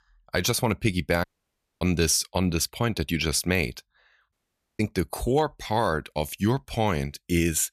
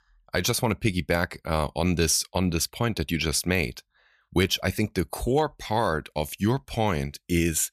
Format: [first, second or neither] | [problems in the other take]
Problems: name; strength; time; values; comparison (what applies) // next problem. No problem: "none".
second | audio cutting out; at 1 s for 0.5 s and at 4.5 s